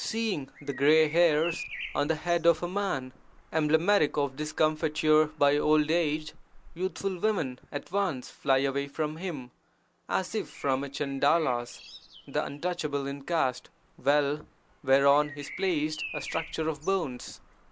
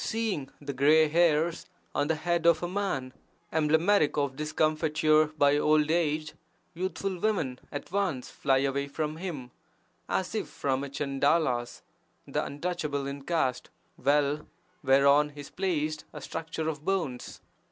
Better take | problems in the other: second | background sound (Bird vocalization, bird call, bird song); 18 dB below the speech

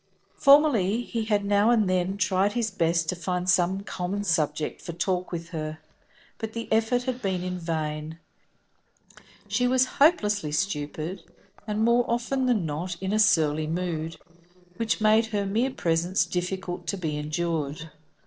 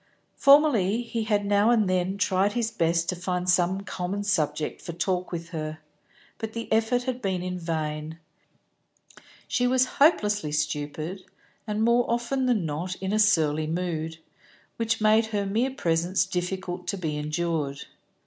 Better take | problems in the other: second | noise reduction (neural separator model SepFormer DNS4)

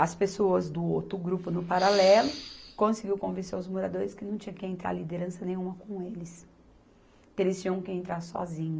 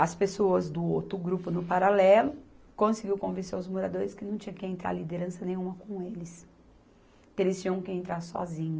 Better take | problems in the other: second | background sound (Respiratory sounds); 9 dB below the speech

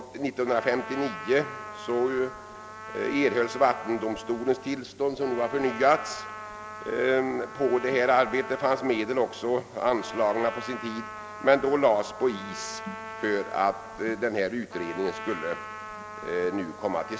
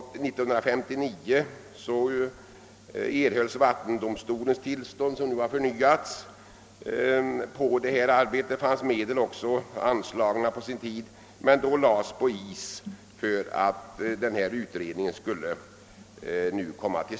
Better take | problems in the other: second | background sound (Trumpet); 12 dB below the speech

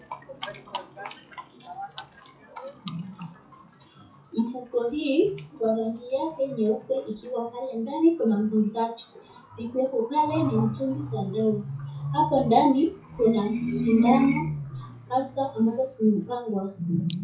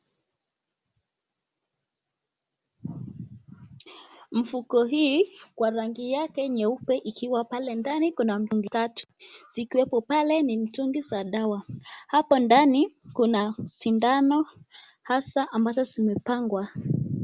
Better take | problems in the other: second | noise reduction (classical method WPE with log-MMSE)

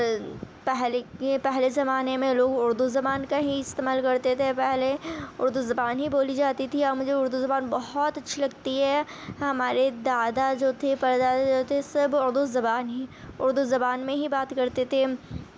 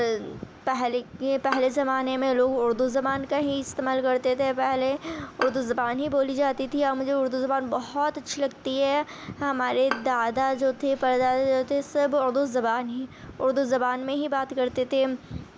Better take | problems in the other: first | background sound (Bowed string instrument); 13 dB below the speech

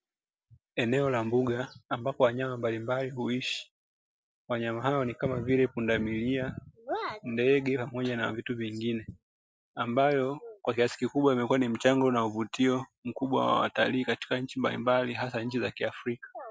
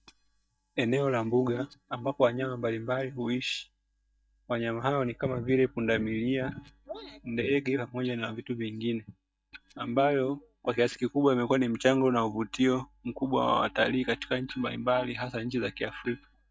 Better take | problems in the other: first | noise reduction (neural mask model DeepFilterNet 3)

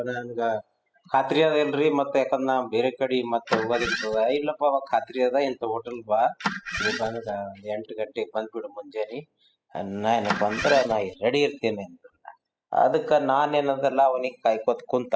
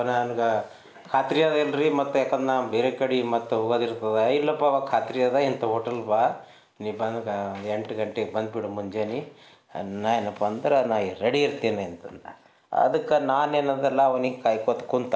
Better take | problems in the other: second | noise reduction (classical method spectral subtraction)

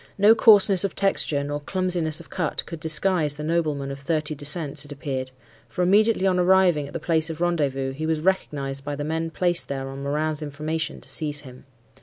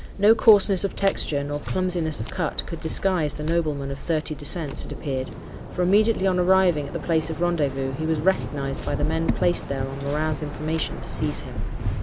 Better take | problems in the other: first | background sound (Waves, surf); 6 dB below the speech

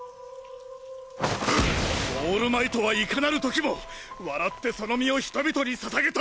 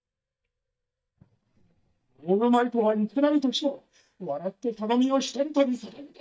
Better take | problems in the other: first | noise reduction (neural mask model DeepFilterNet 3)

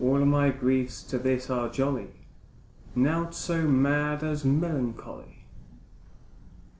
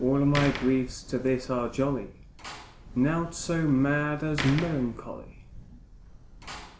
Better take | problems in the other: first | background sound (Slam); 13 dB below the speech

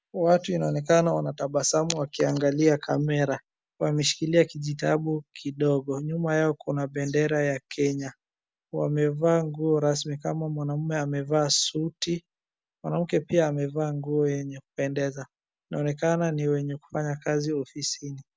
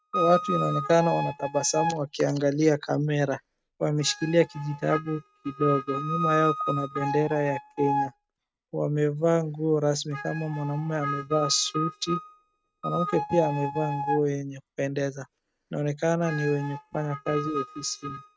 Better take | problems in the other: first | noise reduction (neural mask model RNNoise)

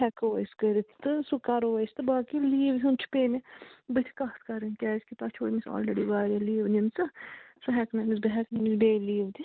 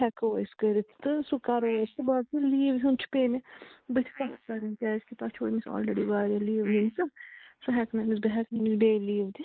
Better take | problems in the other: first | noise reduction (neural mask model Resemble Enhance denoiser)

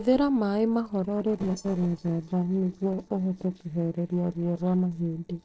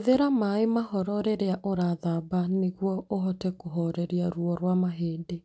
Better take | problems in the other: second | noise reduction (neural separator model SepFormer DNS4)

